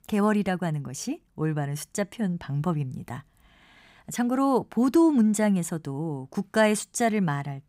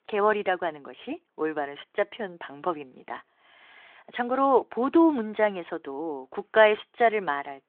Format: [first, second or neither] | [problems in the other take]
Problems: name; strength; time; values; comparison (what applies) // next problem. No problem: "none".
first | phone-call audio